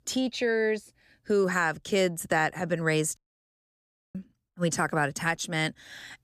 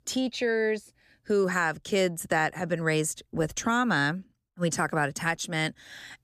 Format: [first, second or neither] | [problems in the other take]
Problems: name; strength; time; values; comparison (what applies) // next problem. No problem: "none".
second | audio cutting out; at 3 s for 1 s